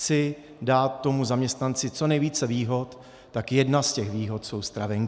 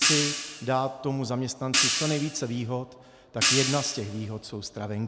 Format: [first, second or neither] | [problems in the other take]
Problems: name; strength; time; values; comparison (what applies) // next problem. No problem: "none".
first | background sound (Hi-hat); as loud as the speech